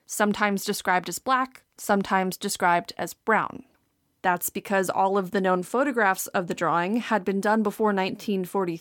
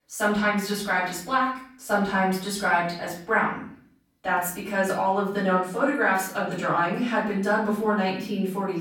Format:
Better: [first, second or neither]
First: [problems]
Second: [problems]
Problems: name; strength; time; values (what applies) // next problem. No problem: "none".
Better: first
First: none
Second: off-mic speech; far // room echo; noticeable; dies away in 0.6 s